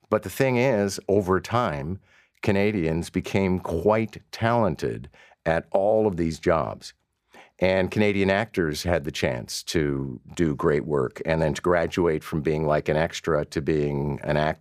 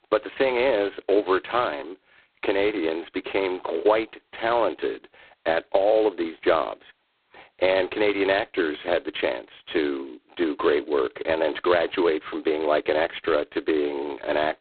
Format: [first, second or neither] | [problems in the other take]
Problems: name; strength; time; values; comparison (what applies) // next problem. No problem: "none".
first | phone-call audio; poor line; nothing above 4 kHz